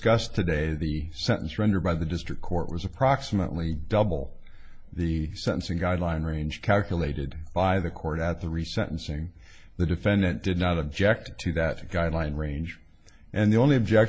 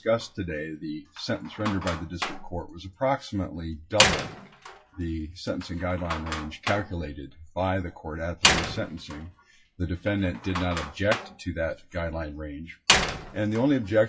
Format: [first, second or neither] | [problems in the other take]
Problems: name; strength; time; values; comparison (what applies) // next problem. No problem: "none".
first | noise reduction (classical method WPE with log-MMSE)